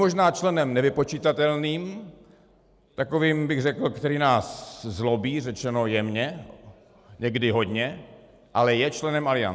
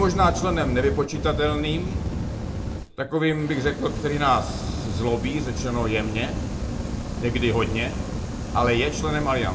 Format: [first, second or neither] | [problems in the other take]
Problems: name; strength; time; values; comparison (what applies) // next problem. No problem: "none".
first | background sound (Fire); 4 dB below the speech // room echo; dies away in 0.5 s